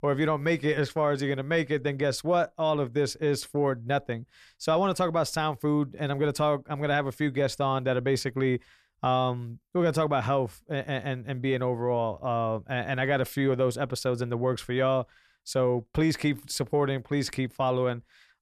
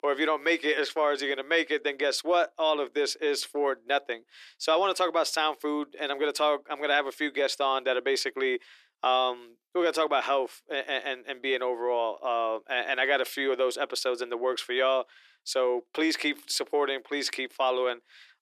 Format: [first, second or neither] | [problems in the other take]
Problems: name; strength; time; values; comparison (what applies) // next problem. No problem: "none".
first | thin; somewhat; fading below 350 Hz